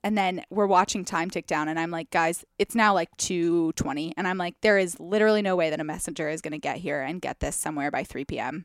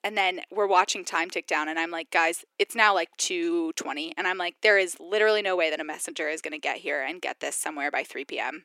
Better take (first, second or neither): first